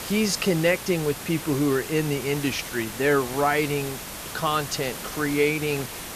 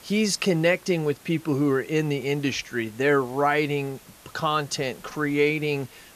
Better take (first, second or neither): second